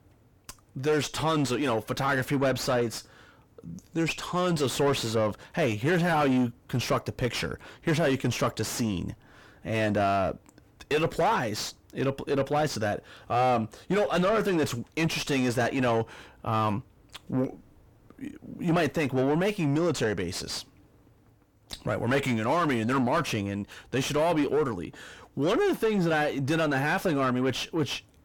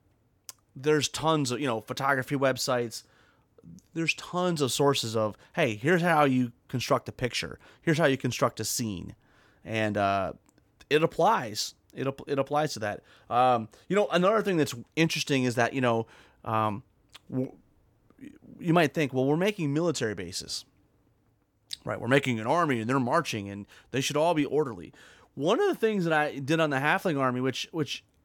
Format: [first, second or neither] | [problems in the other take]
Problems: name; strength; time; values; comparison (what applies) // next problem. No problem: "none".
second | distortion; heavy; 6 dB below the speech